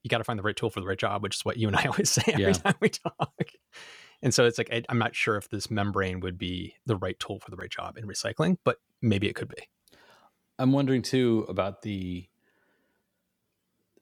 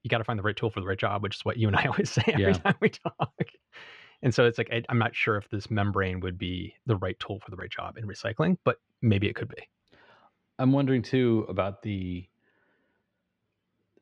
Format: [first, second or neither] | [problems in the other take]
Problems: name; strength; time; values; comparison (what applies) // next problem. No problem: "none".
first | muffled; slightly; fading above 2.5 kHz